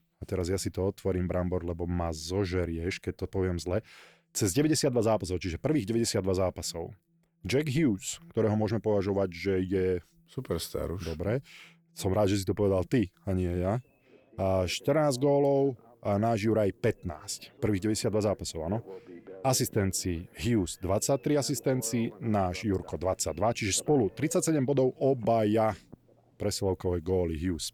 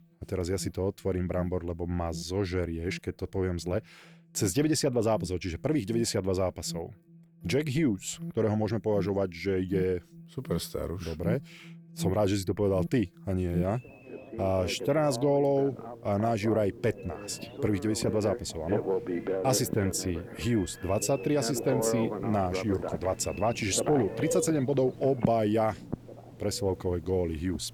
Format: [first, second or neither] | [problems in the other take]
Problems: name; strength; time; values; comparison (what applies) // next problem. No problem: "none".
first | alarms or sirens; loud; throughout; 8 dB below the speech; faint in the first